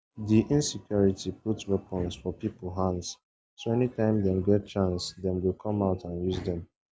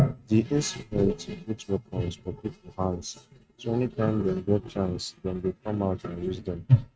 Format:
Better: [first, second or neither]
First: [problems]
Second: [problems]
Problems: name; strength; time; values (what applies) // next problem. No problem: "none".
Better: first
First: none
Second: noise reduction (neural mask model RNNoise)